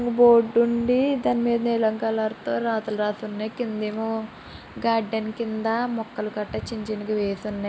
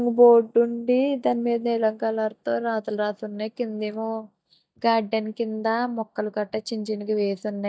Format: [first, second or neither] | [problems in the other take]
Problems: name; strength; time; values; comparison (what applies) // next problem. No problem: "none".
first | noise reduction (neural mask model DeepFilterNet 3)